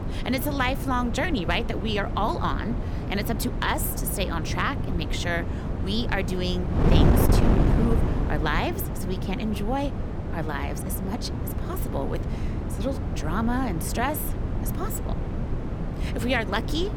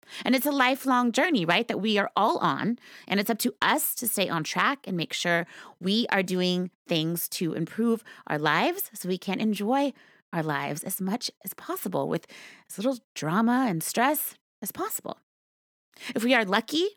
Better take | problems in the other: second | wind noise on the microphone; heavy; 6 dB below the speech

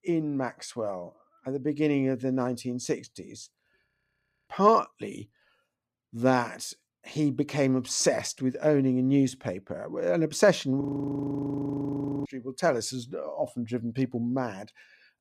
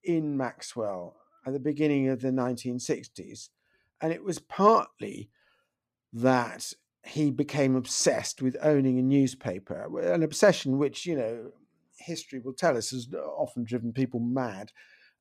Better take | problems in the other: second | audio freezing; at 4 s for 0.5 s and at 11 s for 1.5 s

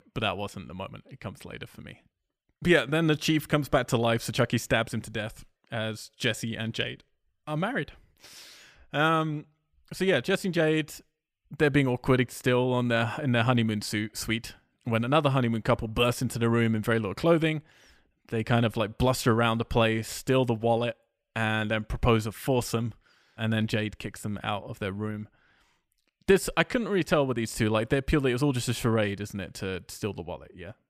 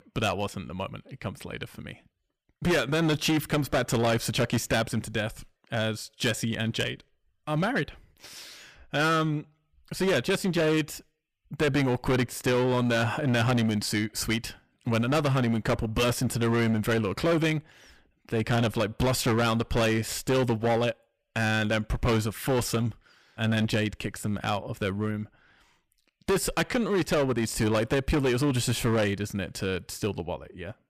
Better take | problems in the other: first | distortion; heavy; 11% of the sound clipped

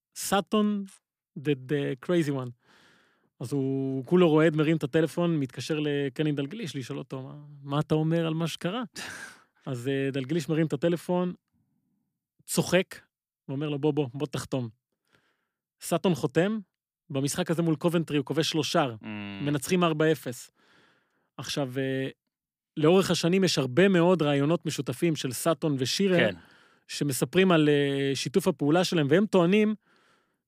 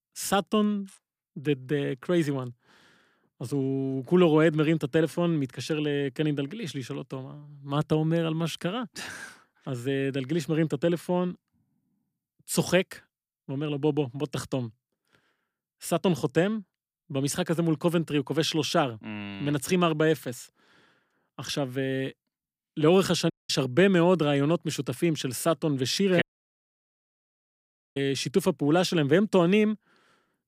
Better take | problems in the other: first | audio cutting out; at 23 s and at 26 s for 1.5 s

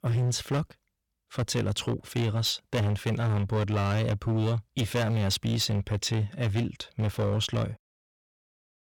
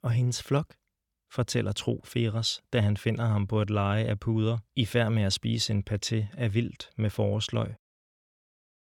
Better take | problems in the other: second | distortion; slight; 17% of the sound clipped

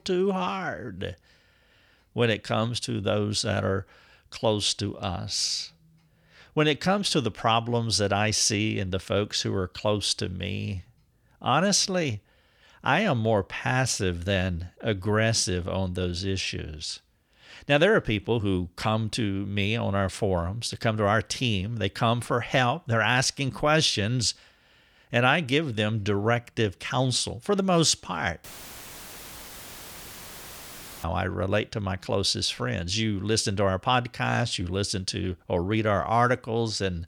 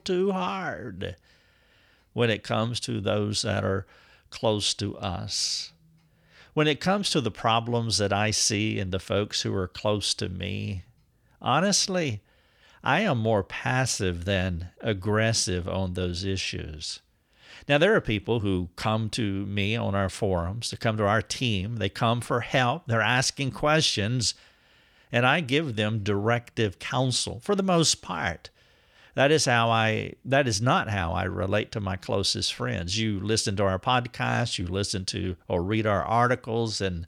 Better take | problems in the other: second | audio cutting out; filled with static; at 28 s for 2.5 s

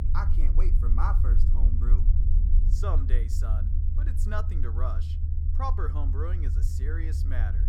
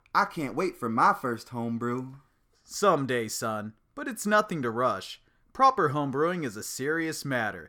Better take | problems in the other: second | low rumble; loud; throughout; 7 dB below the speech

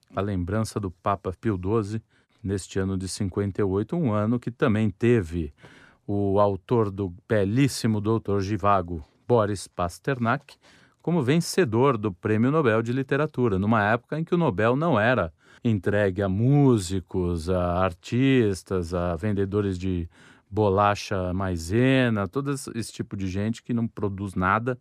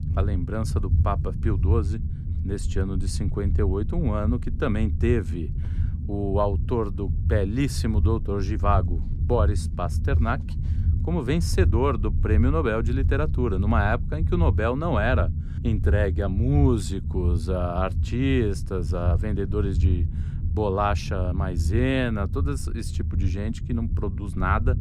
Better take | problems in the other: first | low rumble; noticeable; throughout; 15 dB below the speech

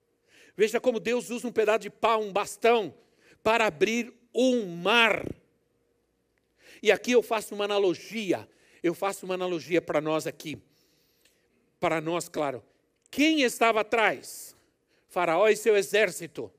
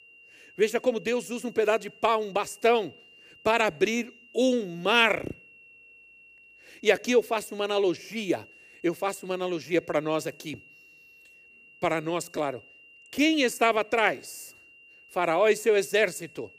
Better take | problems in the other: first | high-pitched whine; faint; throughout; 3 kHz, 25 dB below the speech

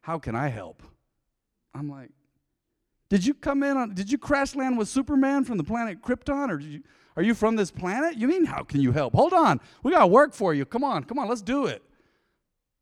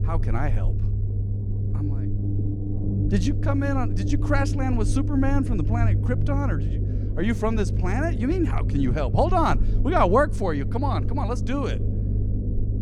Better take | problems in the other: first | low rumble; noticeable; throughout; 10 dB below the speech

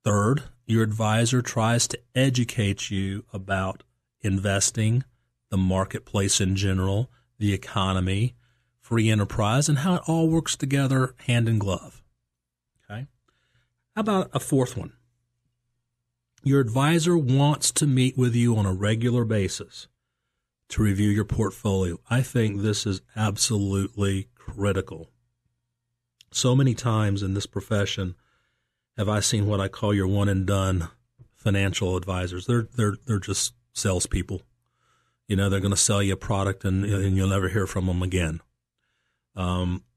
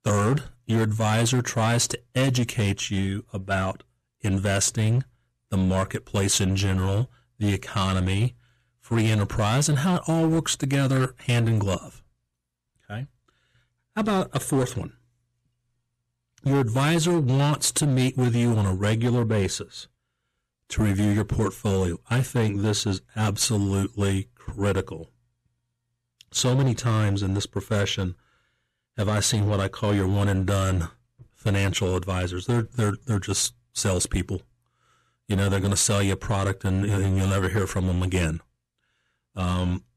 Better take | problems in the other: first | distortion; slight; 11% of the sound clipped

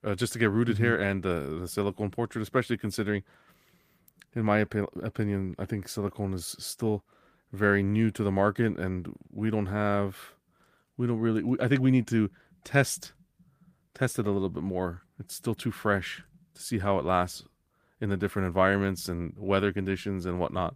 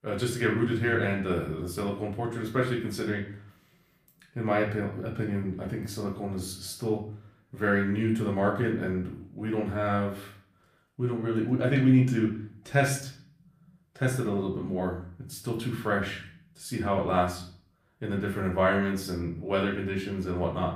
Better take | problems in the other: first | room echo; slight; dies away in 0.4 s // off-mic speech; far

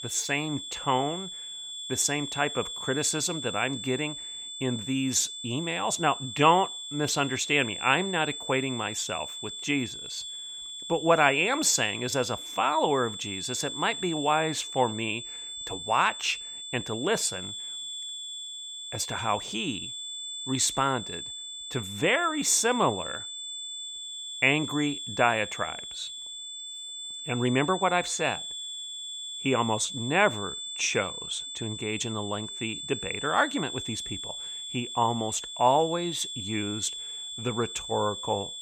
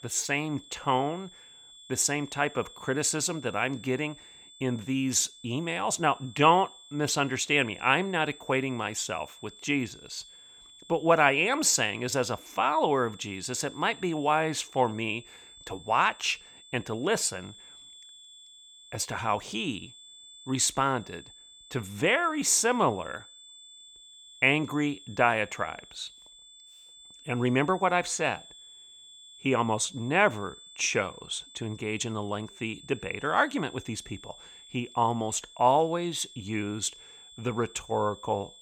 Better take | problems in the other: second | high-pitched whine; loud; throughout; 3.5 kHz, 7 dB below the speech; faint in the second

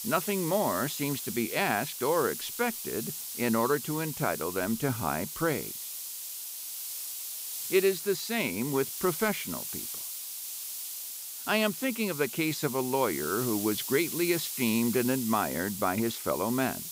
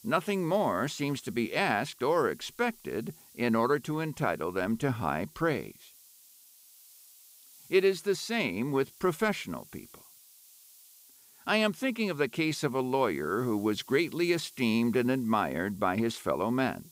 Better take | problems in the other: second | hiss; loud; throughout; 5 dB below the speech; faint in the second

